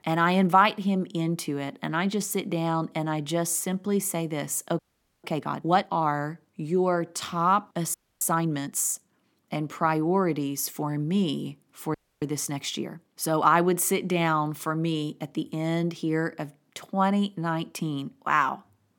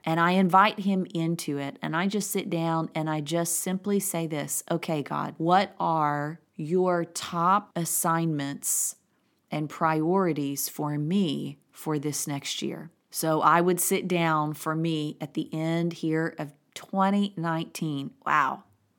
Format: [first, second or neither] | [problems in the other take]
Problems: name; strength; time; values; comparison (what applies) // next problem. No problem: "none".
second | audio freezing; at 5 s, at 8 s and at 12 s